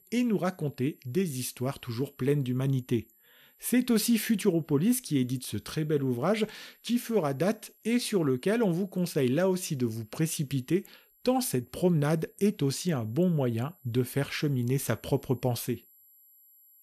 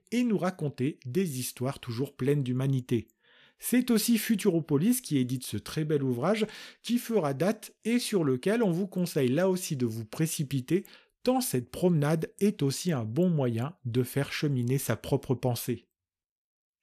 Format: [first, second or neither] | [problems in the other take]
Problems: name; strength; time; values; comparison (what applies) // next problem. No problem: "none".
second | high-pitched whine; faint; throughout; 12 kHz, 30 dB below the speech